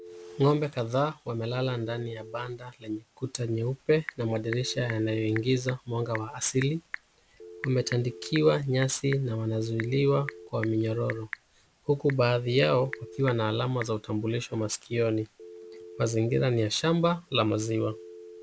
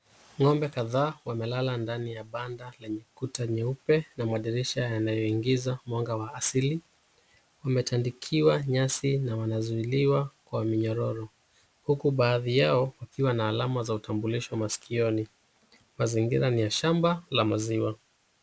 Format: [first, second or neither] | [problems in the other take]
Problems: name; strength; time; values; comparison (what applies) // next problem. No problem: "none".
second | background sound (Telephone + Telephone / Typing); 16 dB below the speech